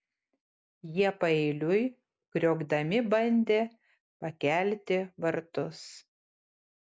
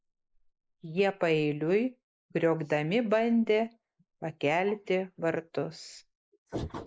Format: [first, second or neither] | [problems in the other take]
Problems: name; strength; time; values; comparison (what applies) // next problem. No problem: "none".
first | noise reduction (neural mask model Resemble Enhance denoiser)